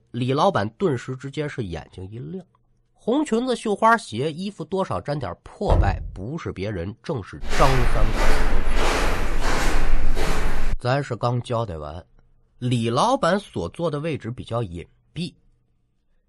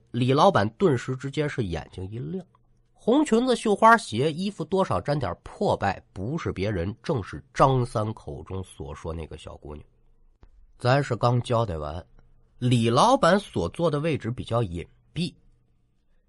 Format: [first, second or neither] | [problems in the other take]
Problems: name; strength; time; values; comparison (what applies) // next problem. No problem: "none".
second | door banging; loud; at 5.5 s; peak 2 dB above the speech // footsteps; loud; from 7.5 to 11 s; peak 3 dB above the speech